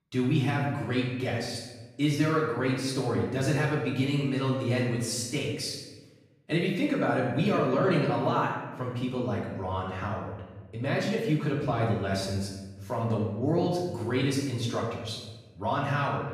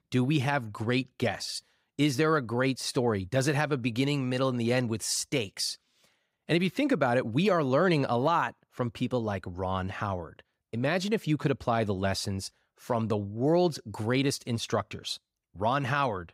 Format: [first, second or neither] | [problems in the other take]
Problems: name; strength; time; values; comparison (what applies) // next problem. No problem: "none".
second | off-mic speech; far // room echo; noticeable; dies away in 1 s